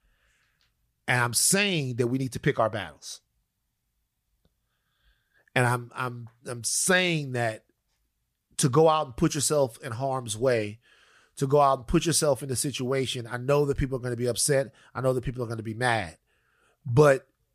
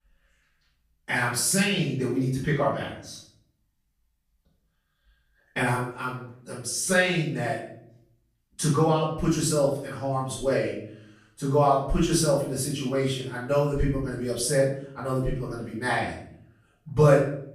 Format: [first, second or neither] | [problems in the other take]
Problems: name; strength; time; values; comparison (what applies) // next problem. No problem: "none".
first | off-mic speech; far // room echo; noticeable; dies away in 0.6 s